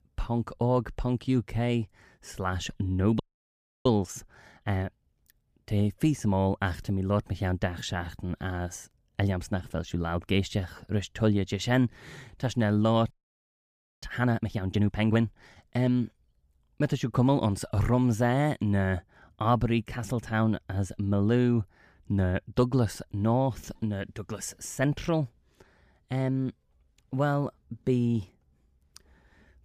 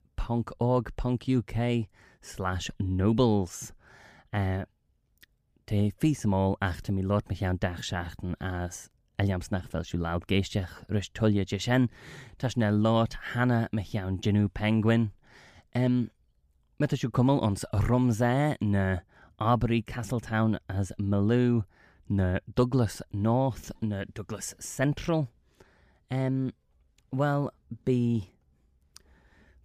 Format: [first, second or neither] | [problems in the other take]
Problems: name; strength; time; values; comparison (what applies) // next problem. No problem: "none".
second | audio freezing; at 3 s for 0.5 s and at 13 s for 1 s